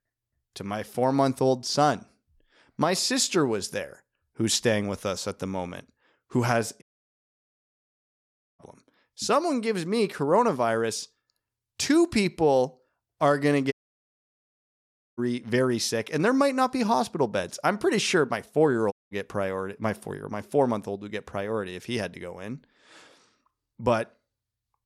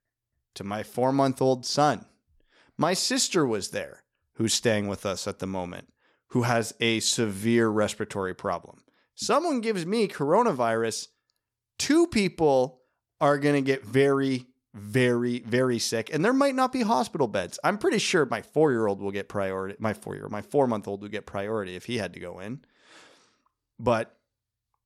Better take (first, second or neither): second